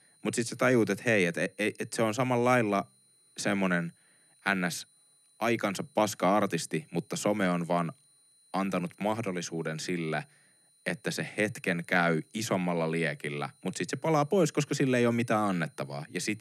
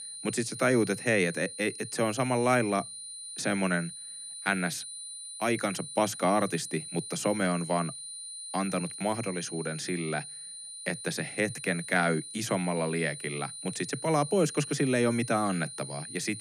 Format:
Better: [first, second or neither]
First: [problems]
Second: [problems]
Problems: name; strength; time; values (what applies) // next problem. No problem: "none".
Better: first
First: high-pitched whine; faint; throughout; 9.5 kHz, 30 dB below the speech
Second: high-pitched whine; loud; throughout; 9.5 kHz, 9 dB below the speech